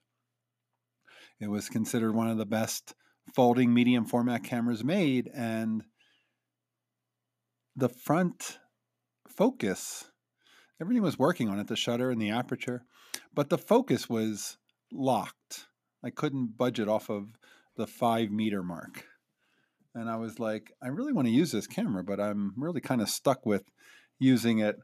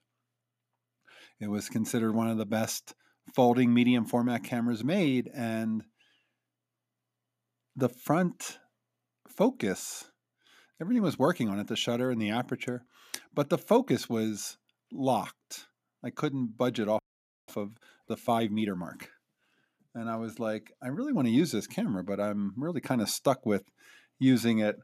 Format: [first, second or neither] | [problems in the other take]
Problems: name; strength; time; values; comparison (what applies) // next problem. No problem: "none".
first | audio freezing; at 17 s